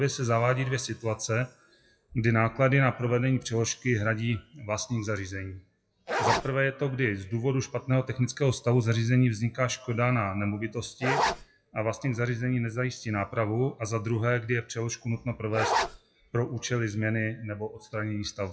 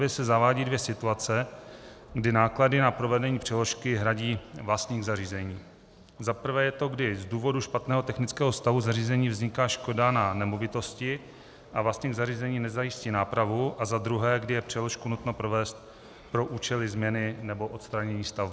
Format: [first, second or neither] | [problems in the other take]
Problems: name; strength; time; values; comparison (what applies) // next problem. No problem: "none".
second | noise reduction (classical method WPE with log-MMSE)